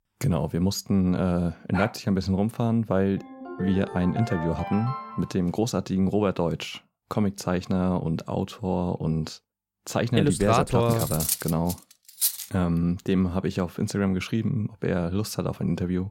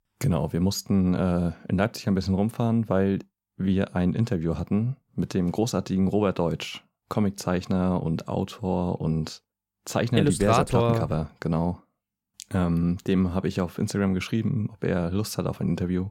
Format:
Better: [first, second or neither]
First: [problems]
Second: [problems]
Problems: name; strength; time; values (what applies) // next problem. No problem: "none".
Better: second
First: dog barking; noticeable; at 1.5 s; peak 8 dB below the speech // phone ringing; noticeable; from 3 to 5.5 s; peak 8 dB below the speech // clattering dishes; loud; from 11 to 12 s; peak 1 dB above the speech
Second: none